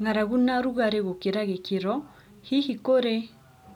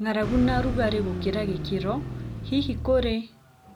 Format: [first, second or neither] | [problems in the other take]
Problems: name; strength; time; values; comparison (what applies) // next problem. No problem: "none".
first | background sound (Car); 4 dB below the speech